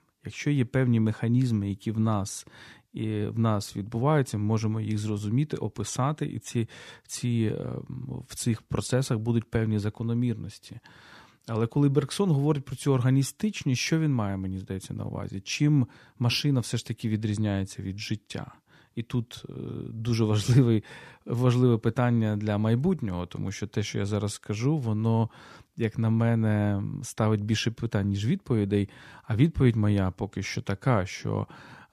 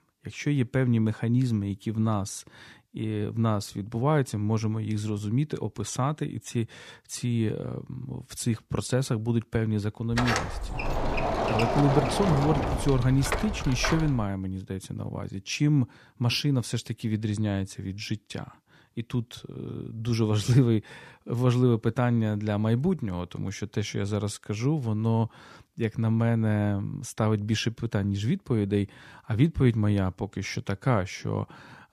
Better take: first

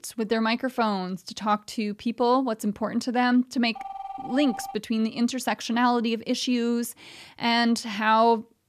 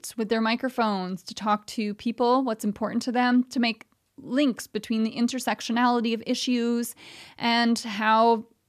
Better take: second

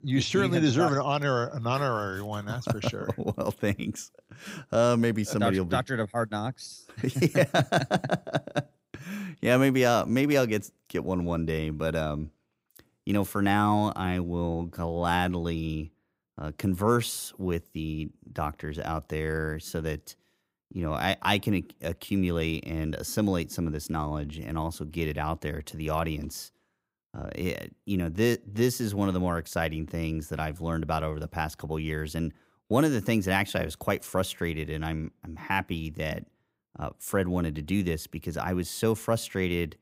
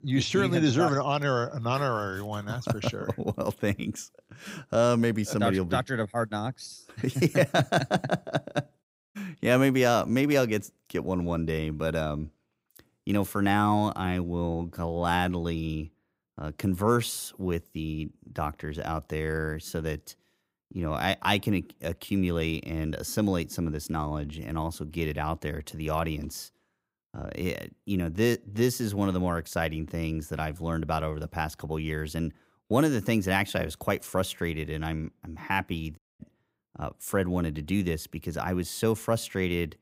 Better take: first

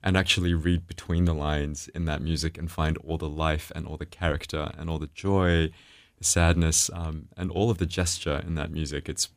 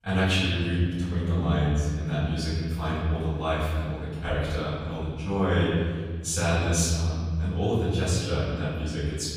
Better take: first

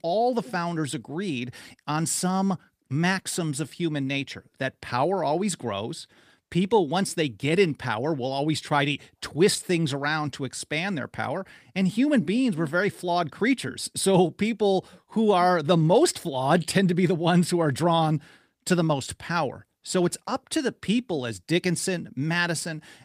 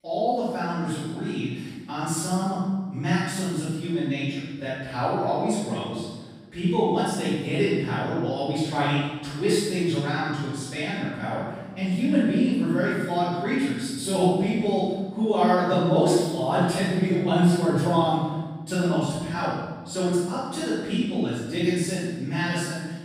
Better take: first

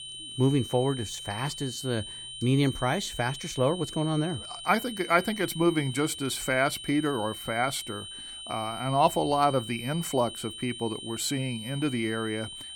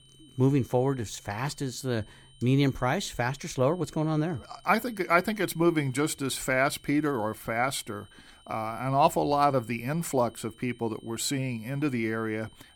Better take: second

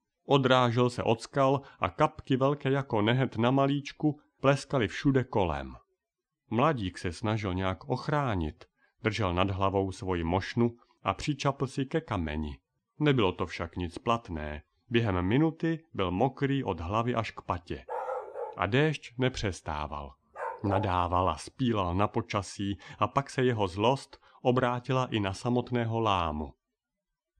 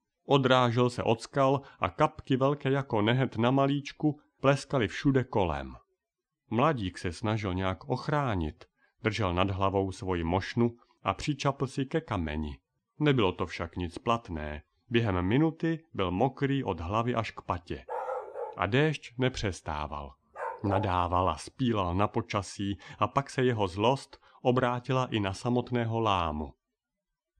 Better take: neither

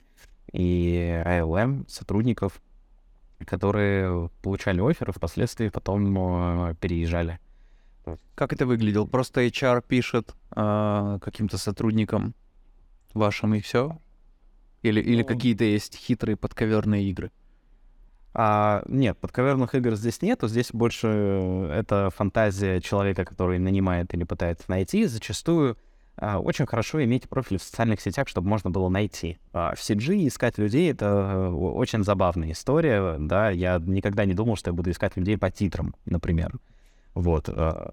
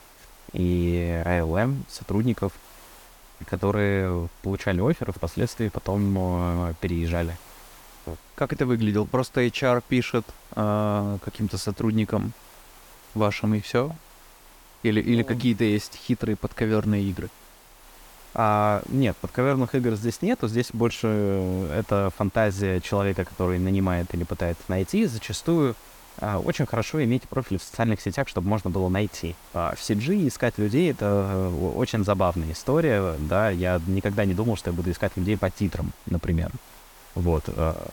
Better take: first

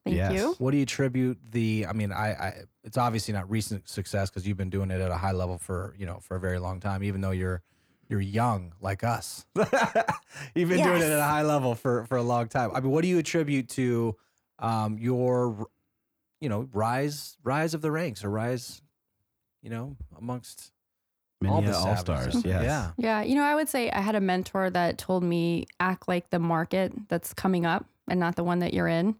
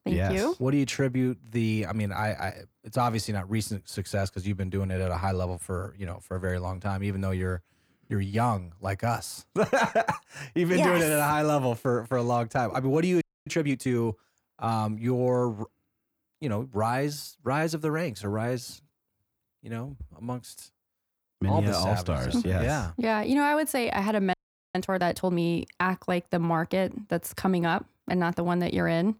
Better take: first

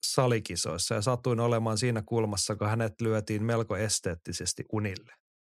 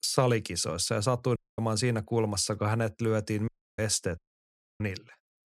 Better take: first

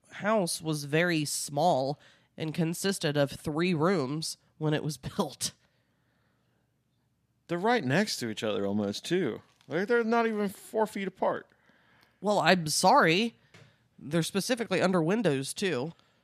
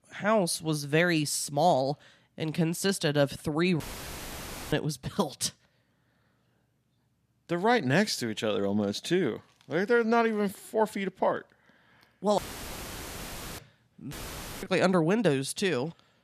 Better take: first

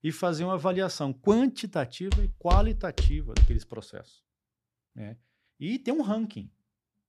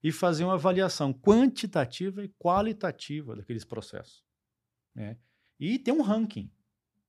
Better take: second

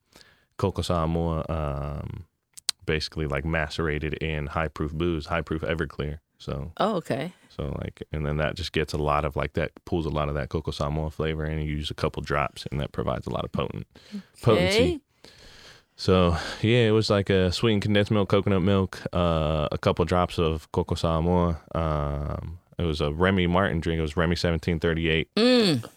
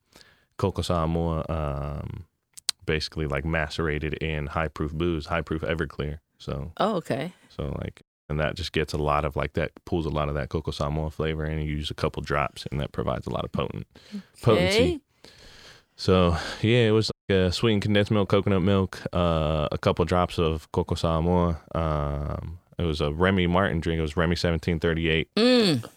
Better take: first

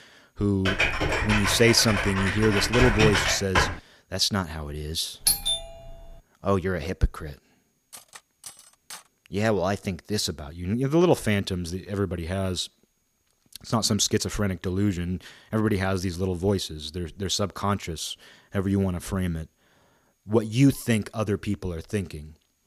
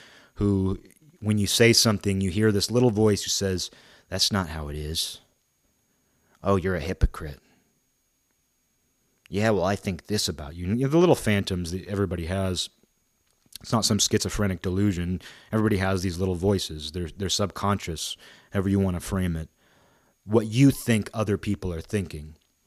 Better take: second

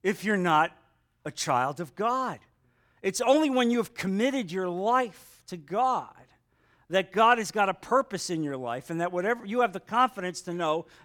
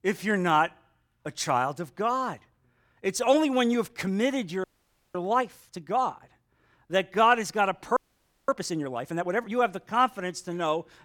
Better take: first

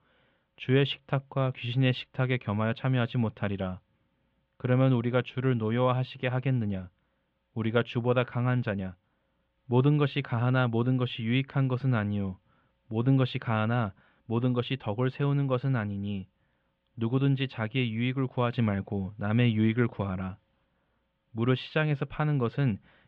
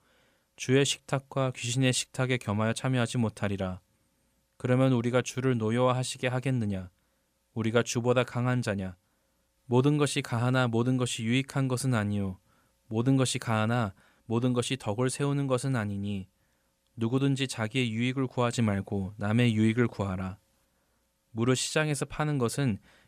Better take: second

